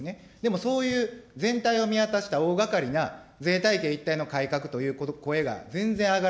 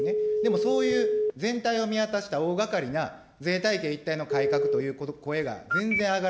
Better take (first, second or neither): first